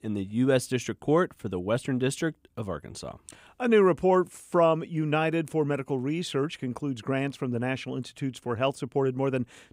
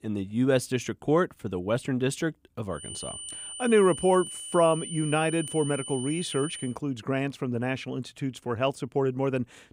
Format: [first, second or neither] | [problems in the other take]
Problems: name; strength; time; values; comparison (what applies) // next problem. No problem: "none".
first | high-pitched whine; loud; from 3 to 6.5 s; 9 kHz, 9 dB below the speech